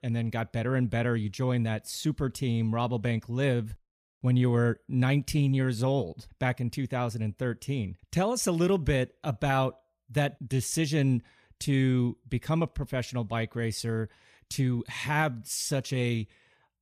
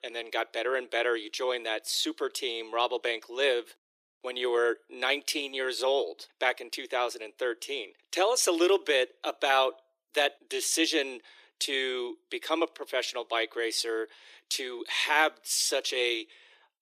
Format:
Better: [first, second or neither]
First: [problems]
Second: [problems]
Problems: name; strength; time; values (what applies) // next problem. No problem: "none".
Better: first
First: none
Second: thin; very; fading below 350 Hz